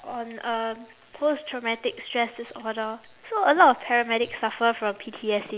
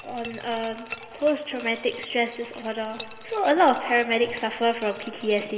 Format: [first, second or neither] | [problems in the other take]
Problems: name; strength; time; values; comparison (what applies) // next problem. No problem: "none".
first | background sound (Glass); 18 dB below the speech // room echo; dies away in 2.1 s